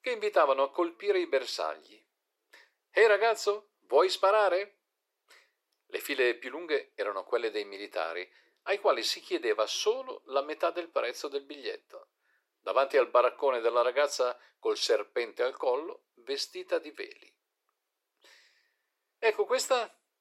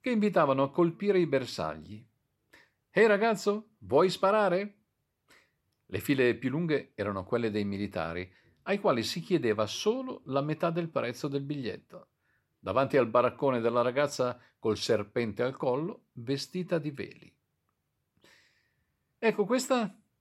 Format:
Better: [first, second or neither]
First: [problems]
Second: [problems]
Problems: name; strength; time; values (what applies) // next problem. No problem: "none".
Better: second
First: thin; very; fading below 400 Hz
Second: none